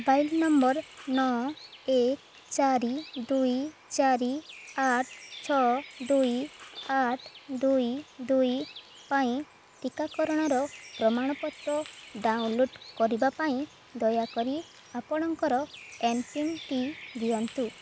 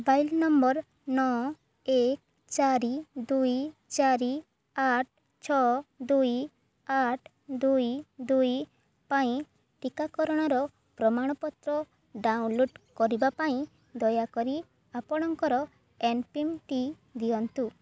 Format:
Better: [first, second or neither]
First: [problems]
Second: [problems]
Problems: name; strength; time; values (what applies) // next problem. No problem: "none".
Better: second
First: background sound (Bird); 19 dB below the speech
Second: none